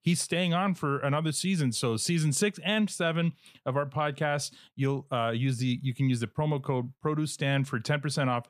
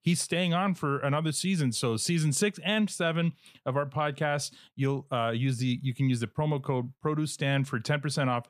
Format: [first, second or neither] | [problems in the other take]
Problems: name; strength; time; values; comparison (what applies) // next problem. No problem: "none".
neither | none